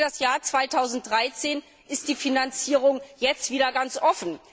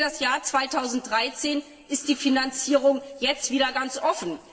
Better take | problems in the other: first | room echo; dies away in 1.6 s

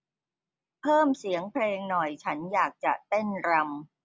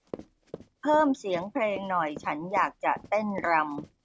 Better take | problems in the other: first | background sound (Run); 17 dB below the speech

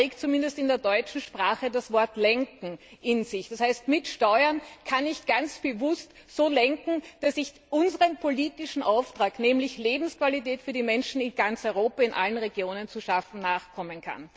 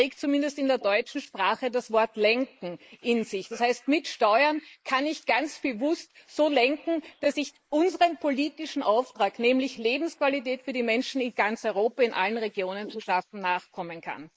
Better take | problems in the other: first | noise reduction (neural mask model Resemble Enhance denoiser)

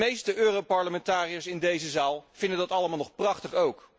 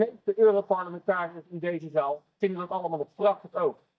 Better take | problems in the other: first | noise reduction (neural mask model DeepFilterNet 3)

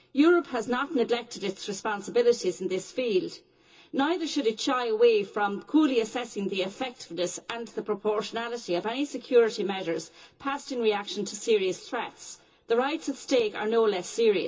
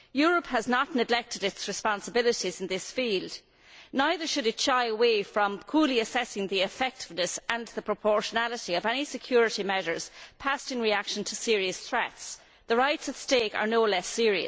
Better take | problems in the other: second | room echo; dies away in 0.2 s

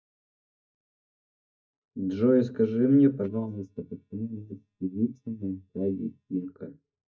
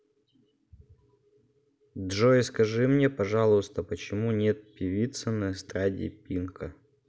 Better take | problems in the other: second | noise reduction (neural mask model DeepFilterNet 3)

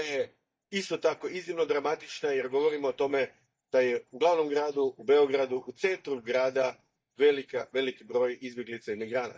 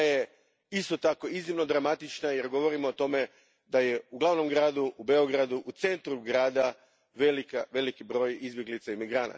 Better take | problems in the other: second | noise reduction (neural mask model DeepFilterNet 3)

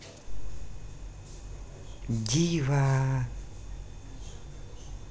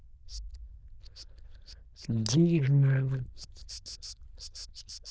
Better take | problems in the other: first | noise reduction (neural diffusion model UNIVERSE++)

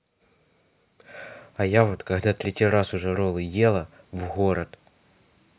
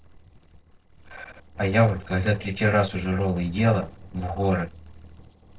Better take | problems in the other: first | noise reduction (neural separator model SepFormer DNS4)

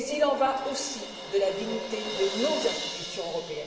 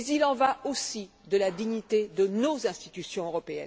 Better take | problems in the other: second | background sound (Crash cymbal); 8 dB below the speech // room echo; dies away in 1.2 s

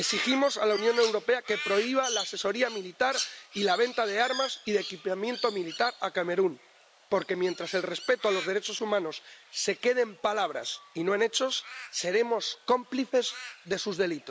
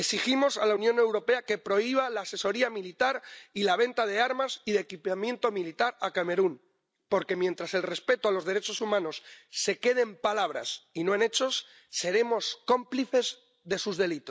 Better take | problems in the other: second | background sound (Crow); 12 dB below the speech

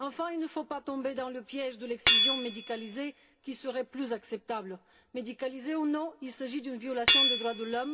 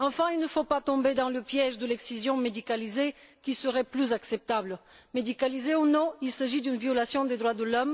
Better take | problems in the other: second | background sound (Hammer / Chink, clink); 2 dB above the speech // room echo; dies away in 0.3 s

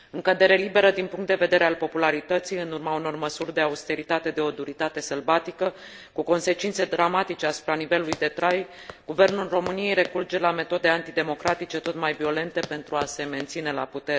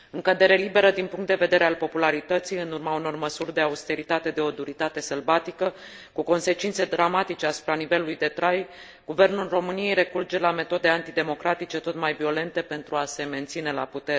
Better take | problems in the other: second | background sound (Run); 15 dB below the speech

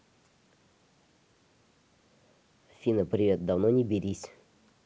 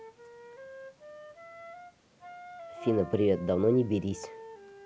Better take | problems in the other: first | background sound (Brass instrument + Wind instrument, woodwind instrument); 15 dB below the speech

